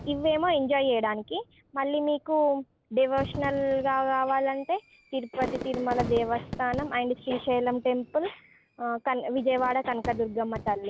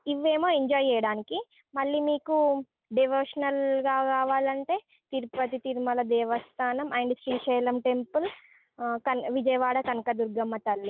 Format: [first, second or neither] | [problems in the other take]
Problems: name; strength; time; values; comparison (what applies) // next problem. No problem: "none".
second | background sound (Fireworks); 14 dB below the speech